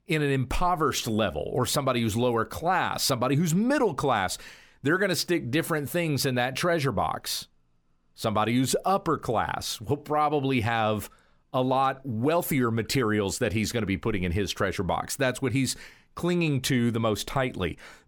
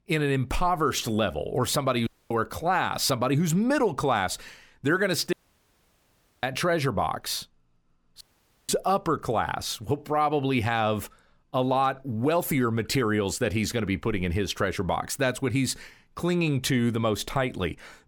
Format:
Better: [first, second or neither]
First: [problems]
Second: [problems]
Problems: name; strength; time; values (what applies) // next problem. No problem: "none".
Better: first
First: none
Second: audio cutting out; at 2 s, at 5.5 s for 1 s and at 8 s